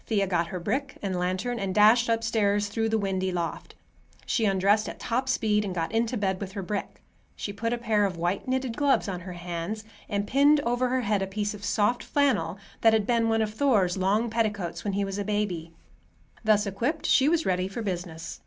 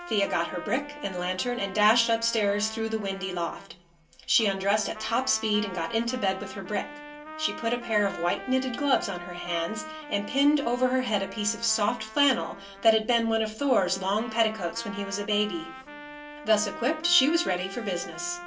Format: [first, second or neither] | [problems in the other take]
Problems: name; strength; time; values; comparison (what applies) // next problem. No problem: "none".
first | background sound (Trumpet); 14 dB below the speech // room echo; dies away in 0.2 s